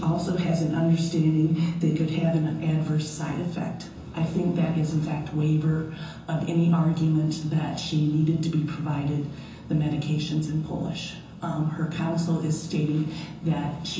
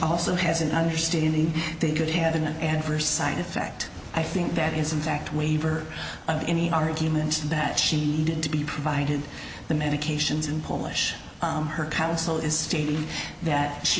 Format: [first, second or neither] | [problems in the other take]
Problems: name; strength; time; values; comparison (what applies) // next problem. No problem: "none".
second | room echo; dies away in 0.6 s